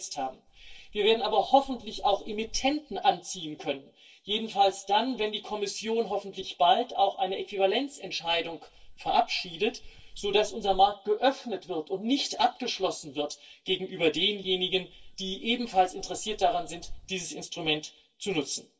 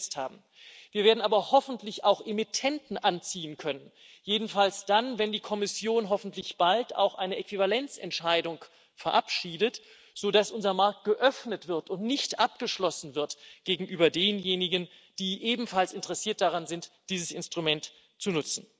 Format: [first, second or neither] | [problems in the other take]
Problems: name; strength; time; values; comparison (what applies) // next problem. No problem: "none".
second | noise reduction (neural separator model SepFormer DNS4)